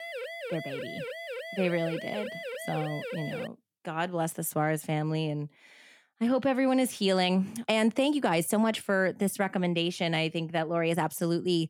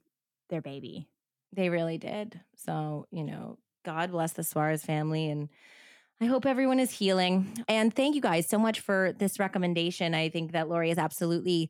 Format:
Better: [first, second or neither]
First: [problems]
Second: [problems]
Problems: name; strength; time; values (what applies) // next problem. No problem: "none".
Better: second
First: siren; noticeable; until 3.5 s; peak 8 dB below the speech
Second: none